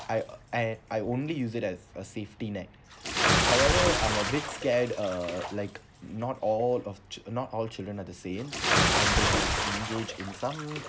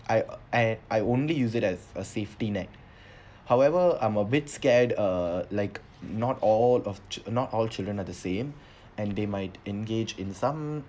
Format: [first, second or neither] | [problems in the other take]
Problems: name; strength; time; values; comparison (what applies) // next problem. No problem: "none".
second | background sound (Bathtub (filling or washing) / Splash, splatter); 1 dB above the speech